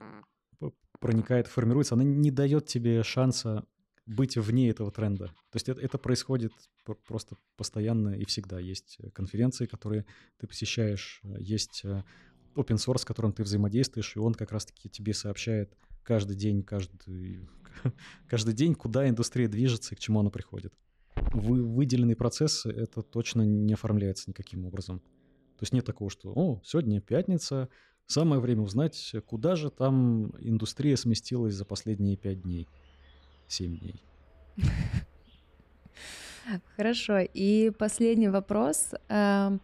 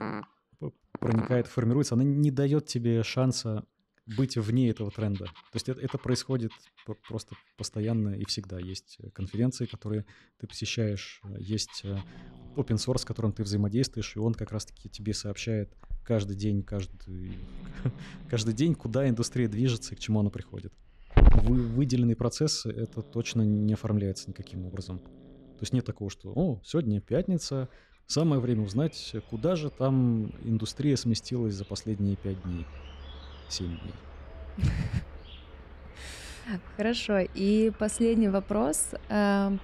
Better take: first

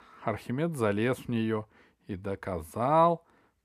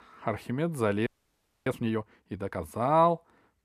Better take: first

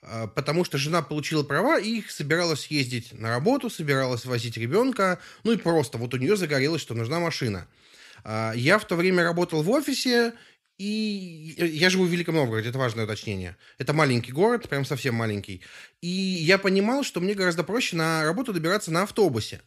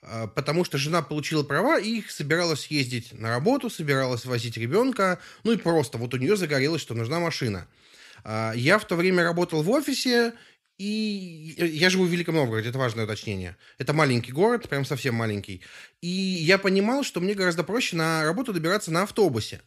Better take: neither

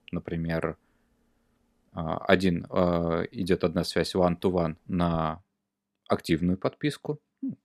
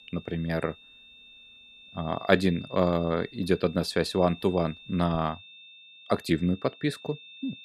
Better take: first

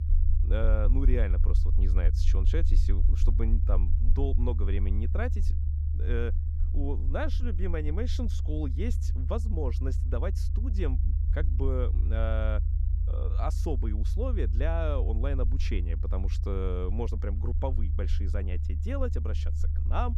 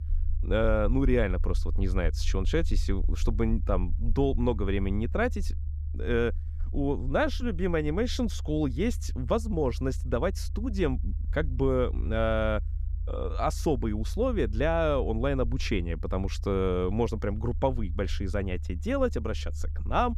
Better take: second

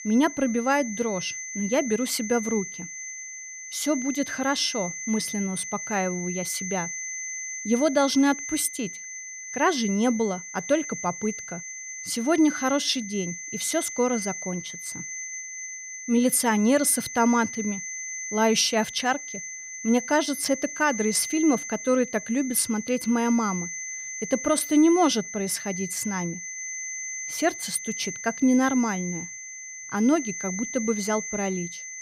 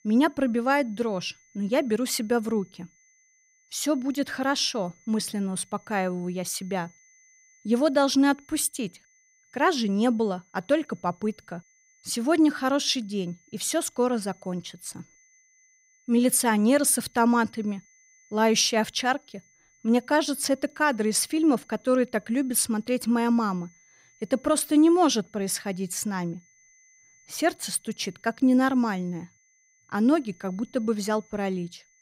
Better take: second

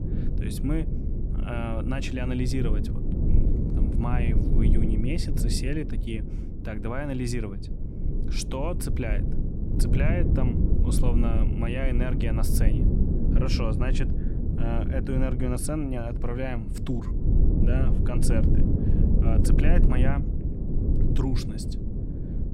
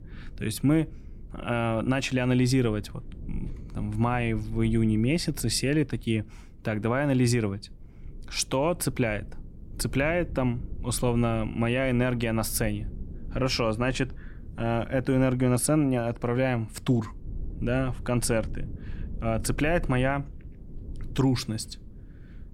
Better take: second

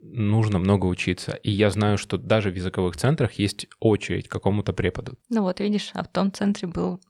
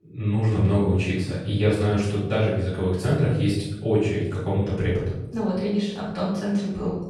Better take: first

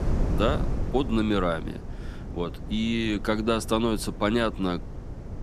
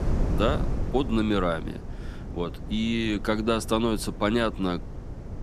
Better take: neither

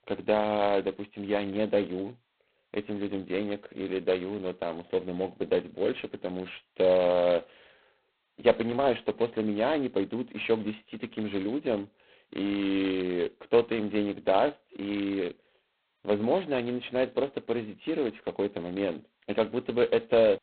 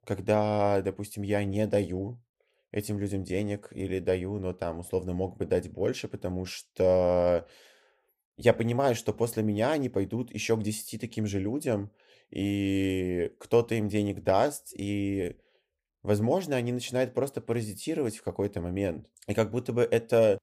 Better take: second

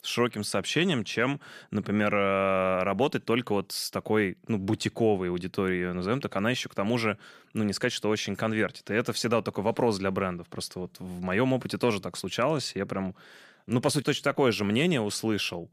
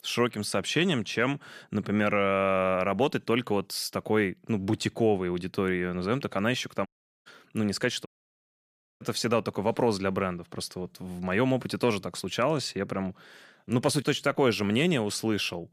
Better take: first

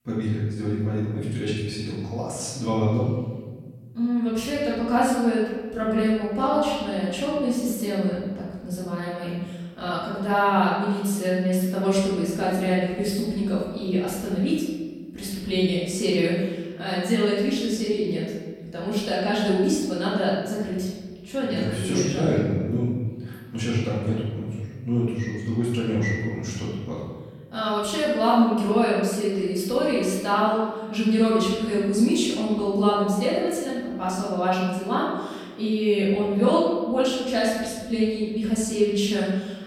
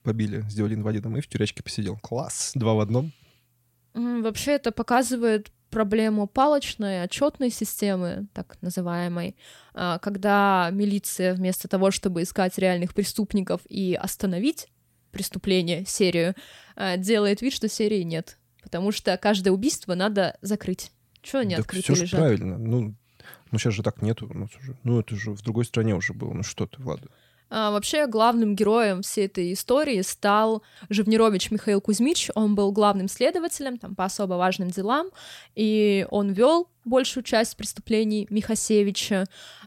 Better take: second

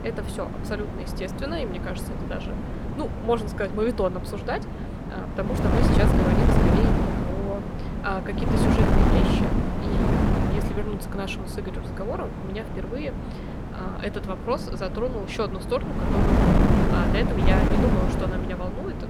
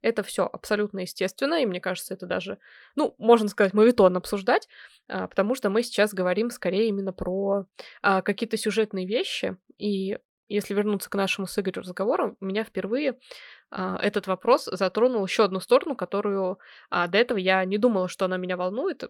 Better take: second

